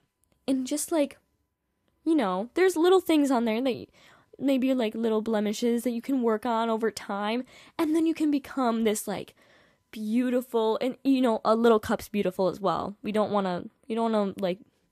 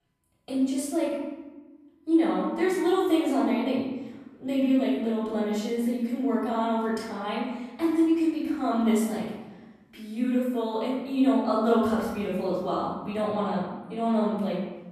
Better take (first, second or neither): first